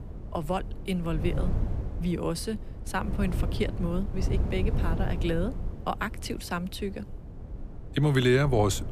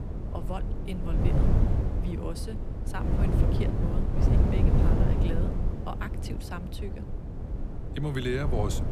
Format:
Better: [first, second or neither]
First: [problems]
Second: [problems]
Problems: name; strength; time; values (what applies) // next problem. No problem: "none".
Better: first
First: wind noise on the microphone; occasional gusts; 15 dB below the speech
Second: wind noise on the microphone; heavy; 1 dB above the speech